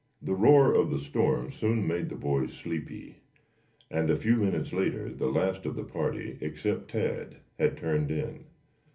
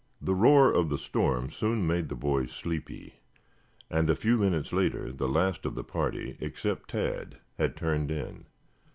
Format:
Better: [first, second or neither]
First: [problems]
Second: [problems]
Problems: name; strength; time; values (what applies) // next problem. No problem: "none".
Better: second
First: room echo; dies away in 0.3 s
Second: none